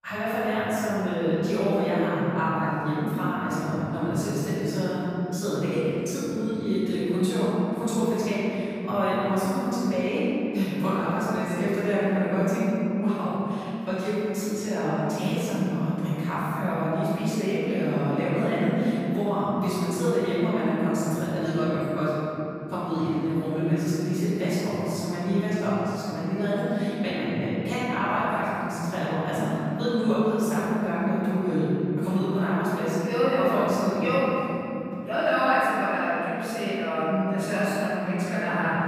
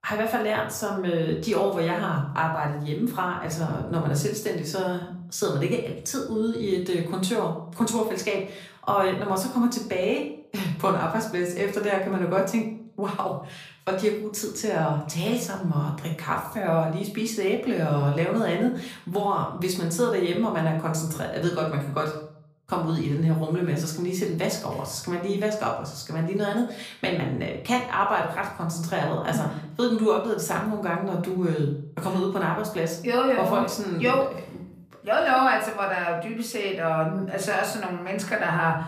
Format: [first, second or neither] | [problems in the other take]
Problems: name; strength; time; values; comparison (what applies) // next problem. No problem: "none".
second | room echo; strong; dies away in 3 s; slight in the second // off-mic speech; far; far in the second